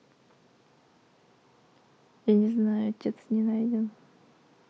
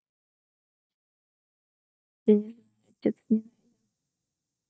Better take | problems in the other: first | noise reduction (neural mask model DeepFilterNet 3)

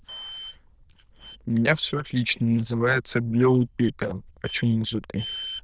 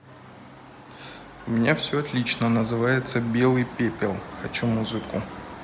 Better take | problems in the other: second | noise reduction (neural diffusion model UNIVERSE++)

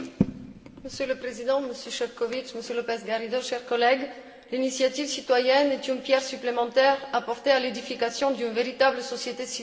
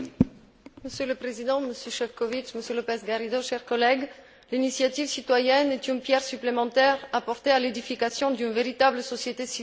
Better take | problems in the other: second | room echo; dies away in 1.5 s

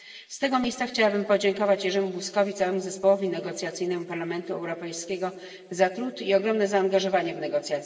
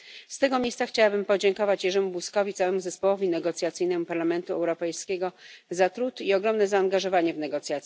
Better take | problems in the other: second | room echo; dies away in 1.8 s

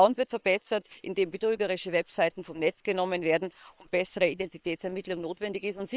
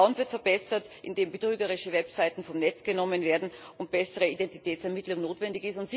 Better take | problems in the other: second | noise reduction (neural separator model SepFormer WHAM!)

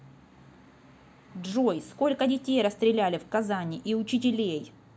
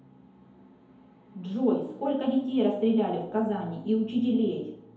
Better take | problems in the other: first | room echo; dies away in 2.2 s

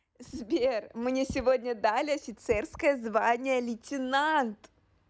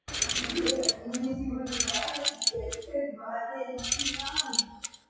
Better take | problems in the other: first | noise reduction (classical method WPE with log-MMSE)

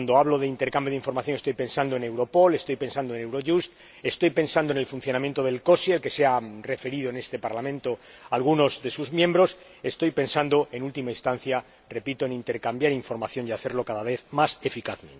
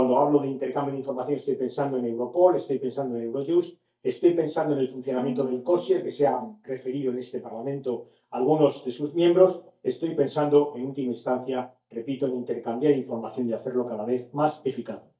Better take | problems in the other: first | noise reduction (neural mask model DeepFilterNet 3)

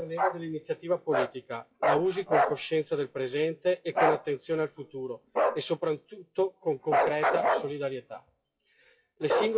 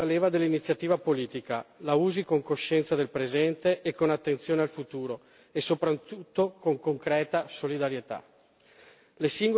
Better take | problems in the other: second | noise reduction (classical method WPE with log-MMSE)

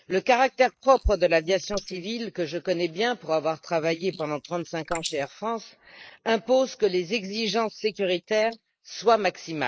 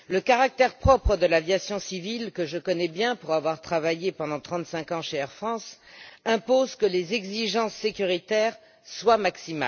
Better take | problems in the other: second | noise reduction (neural mask model Resemble Enhance denoiser)

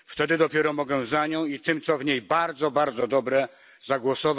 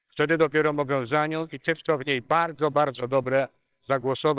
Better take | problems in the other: first | noise reduction (neural separator model SepFormer WHAMR!)

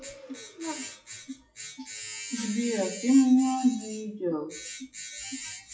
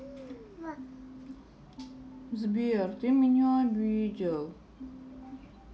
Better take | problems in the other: second | noise reduction (classical method WPE with log-MMSE)

